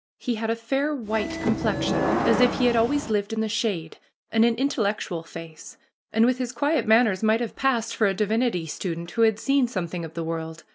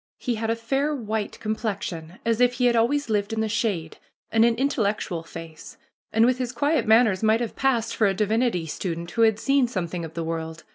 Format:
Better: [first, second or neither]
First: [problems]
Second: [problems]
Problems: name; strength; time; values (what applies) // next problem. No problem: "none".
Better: second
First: background sound (Subway, metro, underground / Sliding door); 2 dB below the speech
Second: none